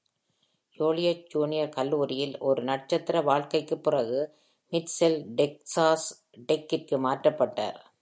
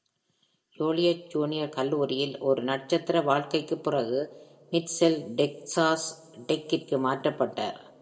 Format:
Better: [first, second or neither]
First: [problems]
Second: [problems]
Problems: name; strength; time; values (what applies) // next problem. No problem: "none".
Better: first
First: none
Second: room echo; dies away in 1.4 s